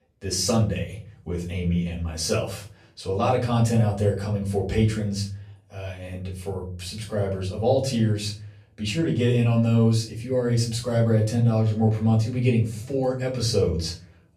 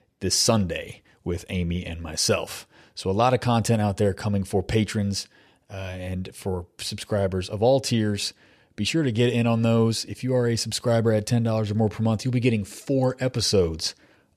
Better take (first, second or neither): second